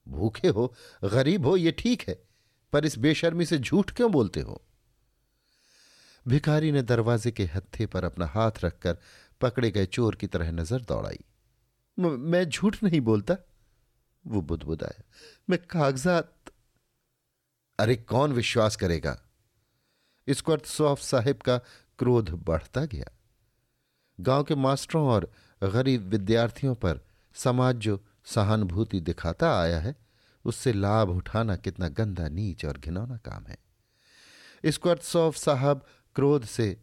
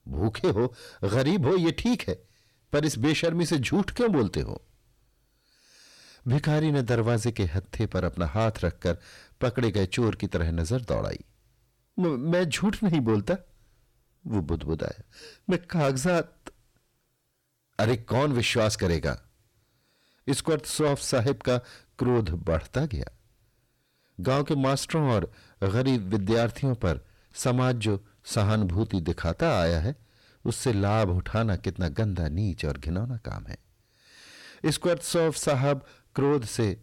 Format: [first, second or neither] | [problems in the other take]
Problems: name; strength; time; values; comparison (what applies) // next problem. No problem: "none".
first | distortion; slight; 10 dB below the speech